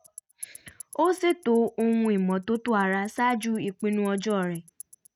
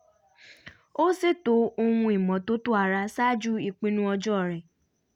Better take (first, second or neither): second